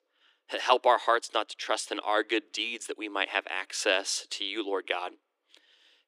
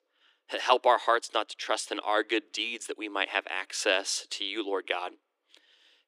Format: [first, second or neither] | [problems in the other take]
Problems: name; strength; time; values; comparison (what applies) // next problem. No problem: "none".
neither | thin; very; fading below 300 Hz; the same in both